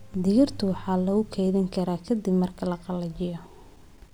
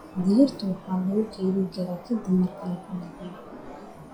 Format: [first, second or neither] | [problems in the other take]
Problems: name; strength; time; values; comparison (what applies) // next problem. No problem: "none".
first | noise reduction (classical method log-MMSE)